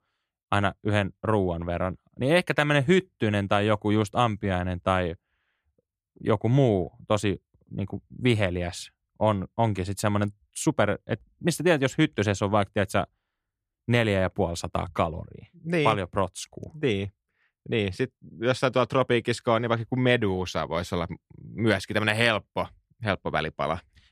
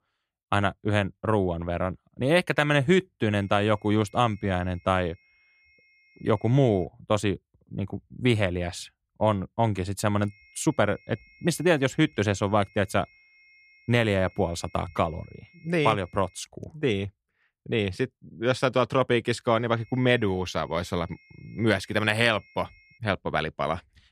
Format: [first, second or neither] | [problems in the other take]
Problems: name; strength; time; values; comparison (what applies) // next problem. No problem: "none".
first | high-pitched whine; faint; from 3.5 to 7 s, from 10 to 16 s and from 20 to 23 s; 2 kHz, 30 dB below the speech